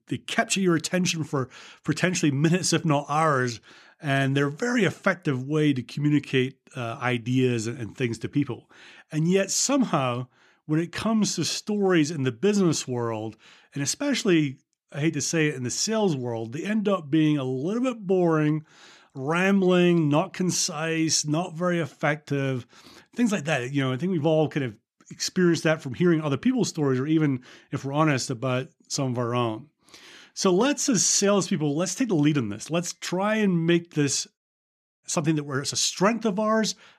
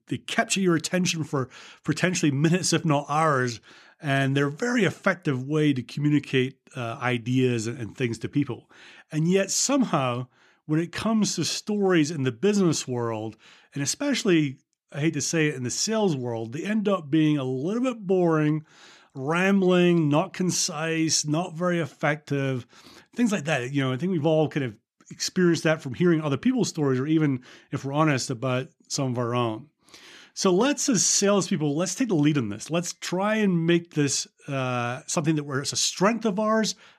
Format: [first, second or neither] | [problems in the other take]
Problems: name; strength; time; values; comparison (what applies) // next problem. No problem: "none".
second | audio cutting out; at 34 s for 0.5 s